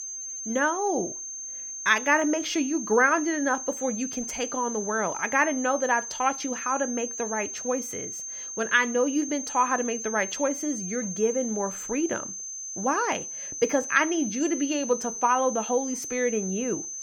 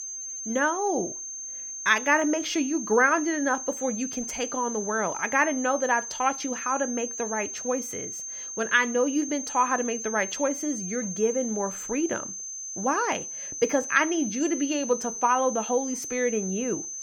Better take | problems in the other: neither | high-pitched whine; loud; throughout; 6.5 kHz, 6 dB below the speech; the same in both

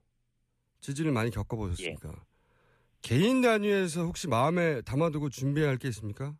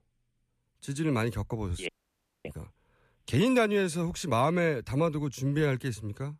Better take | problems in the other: first | audio freezing; at 2 s for 0.5 s

